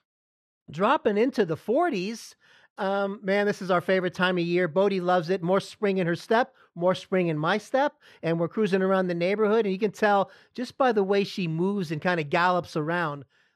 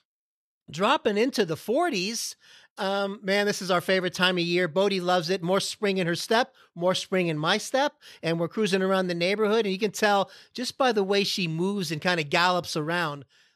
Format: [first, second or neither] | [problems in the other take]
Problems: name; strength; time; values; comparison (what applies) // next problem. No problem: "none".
second | muffled; slightly; fading above 2.5 kHz